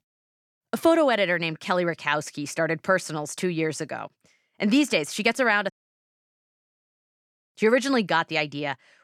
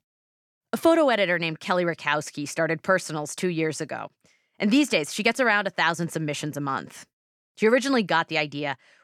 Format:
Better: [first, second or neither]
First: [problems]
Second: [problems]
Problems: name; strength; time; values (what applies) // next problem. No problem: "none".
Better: second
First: audio cutting out; at 5.5 s for 1.5 s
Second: none